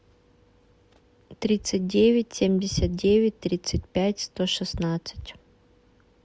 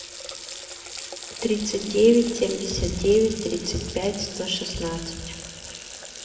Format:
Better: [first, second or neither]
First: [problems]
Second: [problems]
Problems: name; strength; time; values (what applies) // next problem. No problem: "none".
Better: first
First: none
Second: background sound (Water tap, faucet); 12 dB below the speech // room echo; dies away in 1.5 s